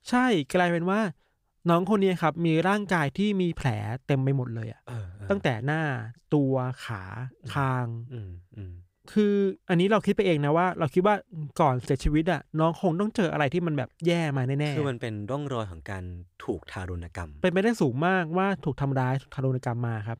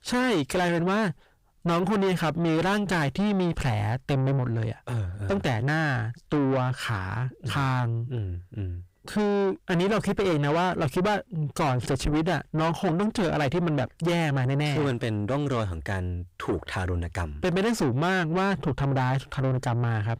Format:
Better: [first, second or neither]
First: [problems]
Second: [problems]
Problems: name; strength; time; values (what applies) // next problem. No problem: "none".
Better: first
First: none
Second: distortion; heavy; 4 dB below the speech